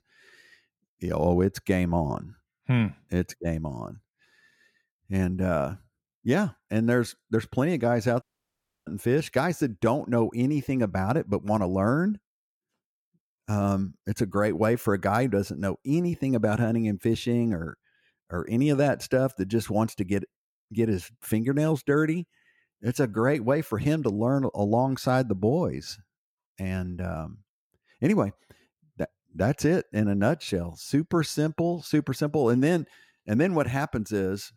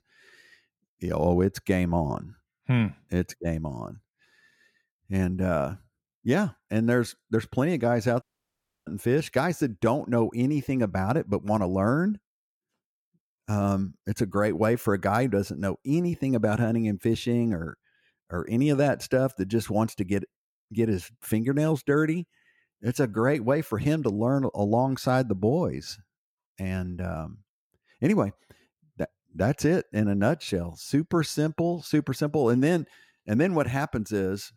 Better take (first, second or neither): neither